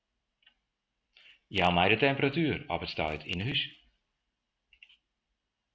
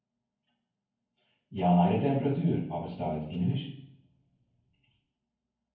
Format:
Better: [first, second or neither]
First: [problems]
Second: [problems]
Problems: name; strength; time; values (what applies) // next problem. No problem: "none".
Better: first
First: none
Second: room echo; dies away in 0.9 s